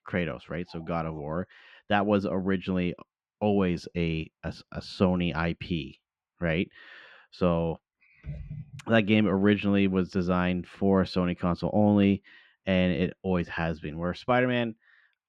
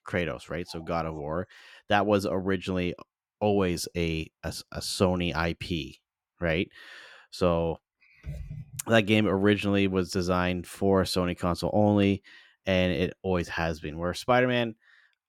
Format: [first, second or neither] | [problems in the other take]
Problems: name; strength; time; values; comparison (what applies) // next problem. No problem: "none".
second | muffled; very slightly; fading above 3 kHz